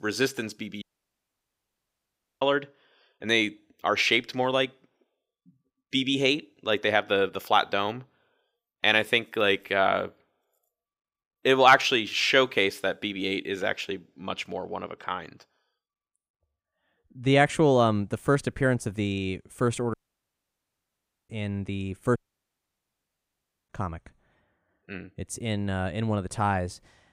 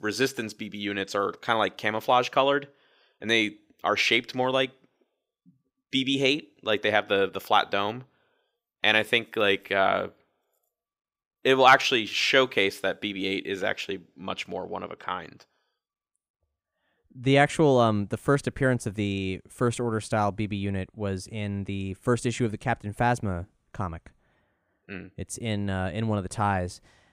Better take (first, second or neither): second